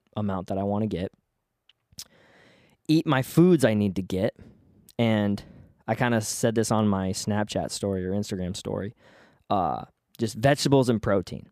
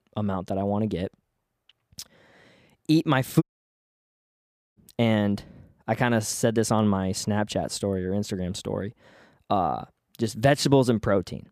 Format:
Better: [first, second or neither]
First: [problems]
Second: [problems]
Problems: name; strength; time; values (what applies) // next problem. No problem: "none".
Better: first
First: none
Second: audio cutting out; at 3.5 s for 1.5 s